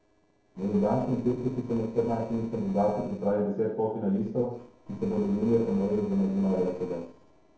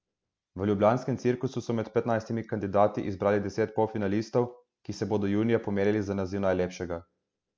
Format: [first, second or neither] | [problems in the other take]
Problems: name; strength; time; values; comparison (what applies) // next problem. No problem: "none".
second | noise reduction (neural separator model SepFormer DNS4)